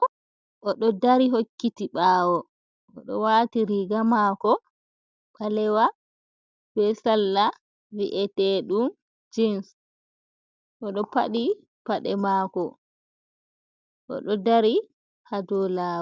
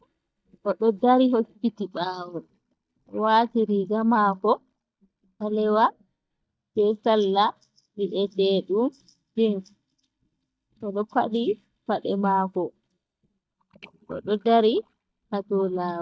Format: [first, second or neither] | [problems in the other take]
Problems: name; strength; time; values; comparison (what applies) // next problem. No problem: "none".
first | noise reduction (neural mask model DeepFilterNet 3)